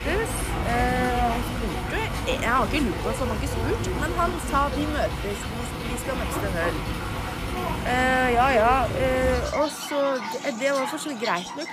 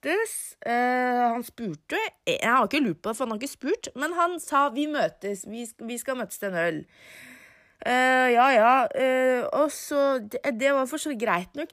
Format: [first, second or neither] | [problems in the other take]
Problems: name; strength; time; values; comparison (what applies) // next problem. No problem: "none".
second | animal sounds; loud; throughout; 4 dB below the speech